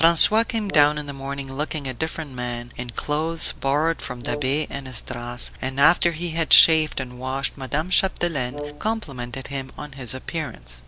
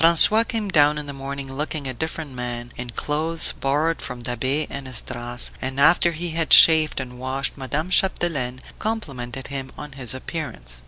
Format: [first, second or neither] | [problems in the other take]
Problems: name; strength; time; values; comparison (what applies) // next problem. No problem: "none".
second | background sound (Brass instrument); 12 dB below the speech